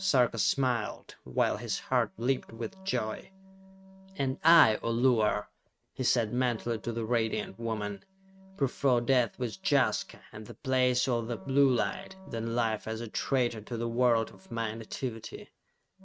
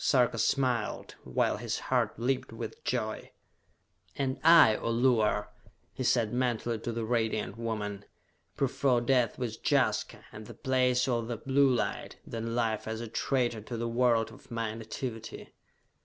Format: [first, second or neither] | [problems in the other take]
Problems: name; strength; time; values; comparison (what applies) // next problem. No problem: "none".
second | noise reduction (neural mask model RNNoise)